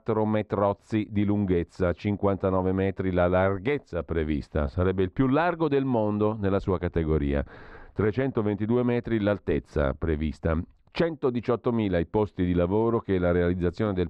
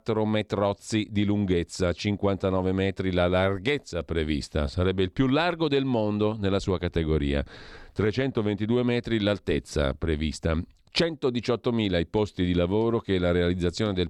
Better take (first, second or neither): second